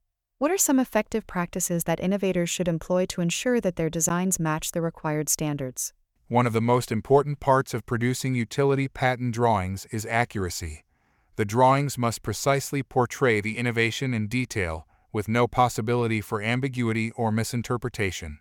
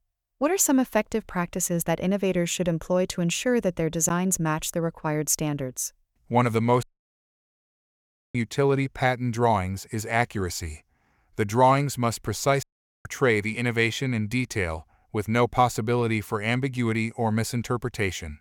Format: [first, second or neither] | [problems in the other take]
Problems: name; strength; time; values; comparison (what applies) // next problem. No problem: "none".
first | audio cutting out; at 7 s for 1.5 s and at 13 s